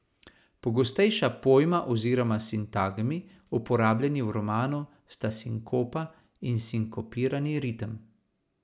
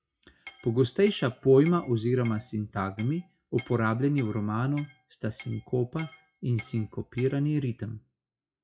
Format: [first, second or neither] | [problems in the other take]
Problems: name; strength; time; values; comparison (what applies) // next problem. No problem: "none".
first | noise reduction (classical method WPE with log-MMSE)